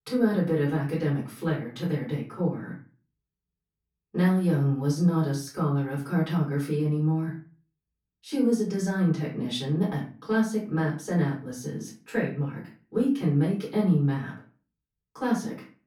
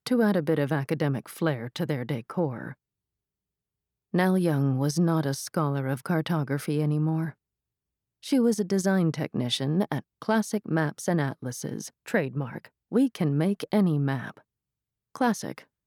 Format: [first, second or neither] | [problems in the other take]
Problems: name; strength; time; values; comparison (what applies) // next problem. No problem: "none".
second | off-mic speech; far // room echo; slight; dies away in 0.3 s